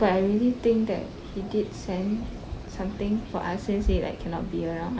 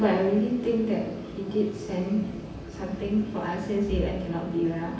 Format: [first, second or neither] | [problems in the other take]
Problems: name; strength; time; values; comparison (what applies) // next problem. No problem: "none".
first | room echo; dies away in 0.9 s